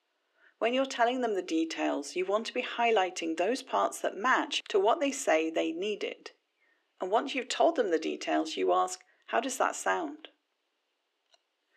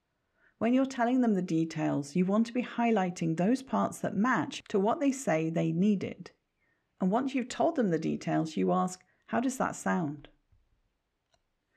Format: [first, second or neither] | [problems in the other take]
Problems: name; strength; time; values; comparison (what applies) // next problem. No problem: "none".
second | thin; somewhat; fading below 300 Hz